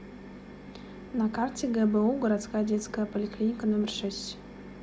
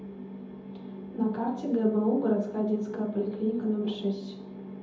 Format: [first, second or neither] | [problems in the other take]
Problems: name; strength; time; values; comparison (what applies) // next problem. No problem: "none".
first | room echo; dies away in 0.7 s